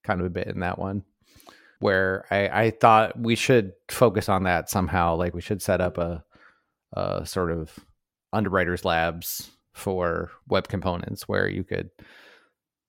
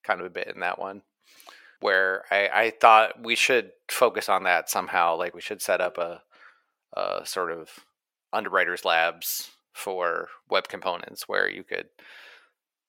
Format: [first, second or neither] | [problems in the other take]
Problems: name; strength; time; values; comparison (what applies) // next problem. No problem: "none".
first | thin; very; fading below 600 Hz